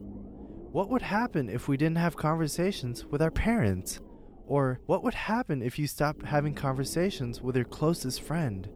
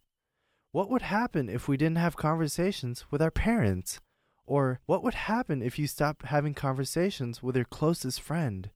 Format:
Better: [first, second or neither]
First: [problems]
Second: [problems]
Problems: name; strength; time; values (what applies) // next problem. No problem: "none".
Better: second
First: low rumble; noticeable; throughout; 20 dB below the speech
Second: none